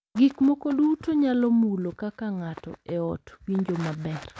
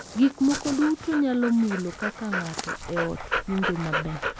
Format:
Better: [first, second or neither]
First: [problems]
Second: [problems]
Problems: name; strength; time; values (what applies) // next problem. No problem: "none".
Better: first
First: none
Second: background sound (Dog); 7 dB below the speech